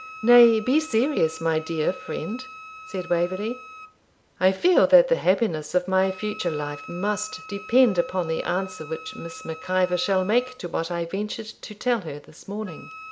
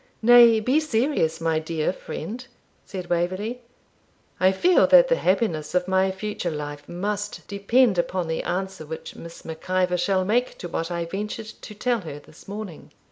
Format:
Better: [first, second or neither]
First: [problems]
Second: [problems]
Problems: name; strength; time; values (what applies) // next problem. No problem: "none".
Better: second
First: background sound (Wind instrument, woodwind instrument); 18 dB below the speech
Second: none